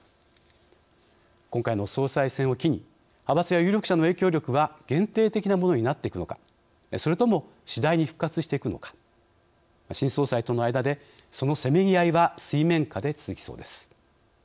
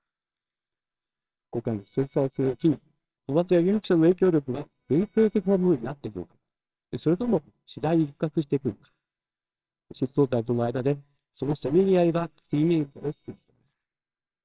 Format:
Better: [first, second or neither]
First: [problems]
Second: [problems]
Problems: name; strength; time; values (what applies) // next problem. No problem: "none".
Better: first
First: none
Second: noise reduction (neural separator model SepFormer WHAMR!)